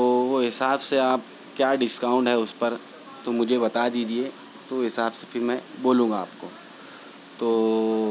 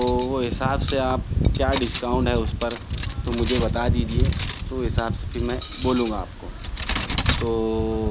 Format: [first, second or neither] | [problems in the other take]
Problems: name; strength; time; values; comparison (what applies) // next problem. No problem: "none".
first | background sound (Cutlery, silverware); 1 dB above the speech